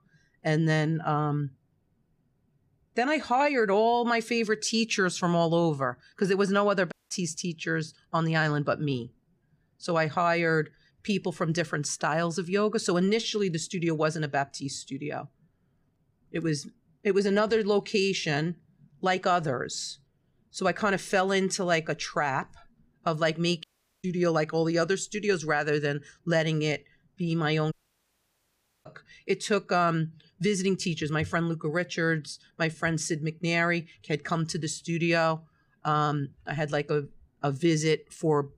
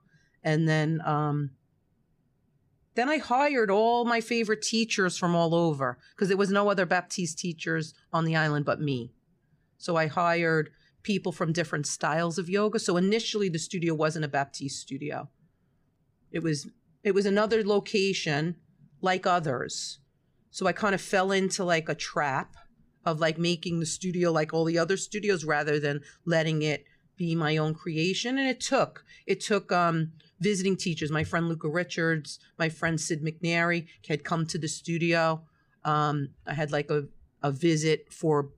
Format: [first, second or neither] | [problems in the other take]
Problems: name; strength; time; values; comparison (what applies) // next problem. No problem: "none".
second | audio cutting out; at 7 s, at 24 s and at 28 s for 1 s